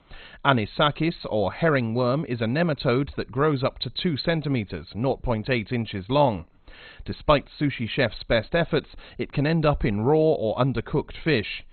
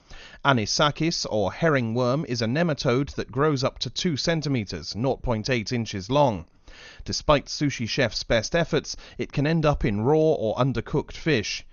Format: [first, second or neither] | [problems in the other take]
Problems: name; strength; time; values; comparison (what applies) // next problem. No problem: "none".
second | garbled, watery; badly; nothing above 4 kHz; slightly in the second